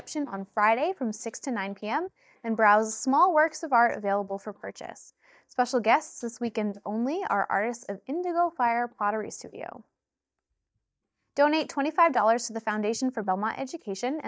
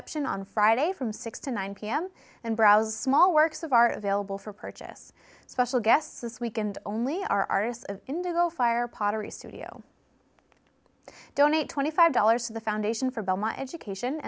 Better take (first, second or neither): second